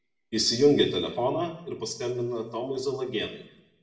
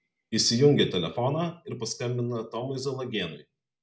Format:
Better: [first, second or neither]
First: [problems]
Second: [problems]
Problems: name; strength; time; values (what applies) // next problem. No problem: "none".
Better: second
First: room echo; dies away in 0.7 s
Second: none